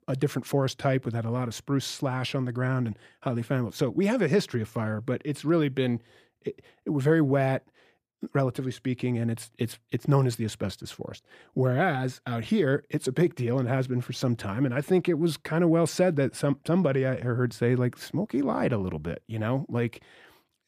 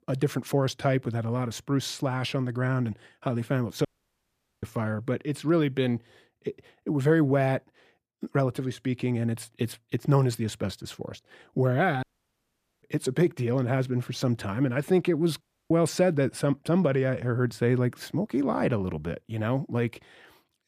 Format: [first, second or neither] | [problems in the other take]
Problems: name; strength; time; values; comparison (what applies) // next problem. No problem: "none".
first | audio cutting out; at 4 s for 1 s, at 12 s for 1 s and at 15 s